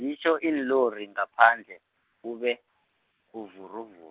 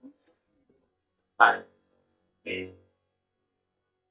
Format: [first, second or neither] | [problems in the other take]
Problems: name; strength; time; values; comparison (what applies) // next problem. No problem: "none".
first | noise reduction (neural mask model DeepFilterNet 3)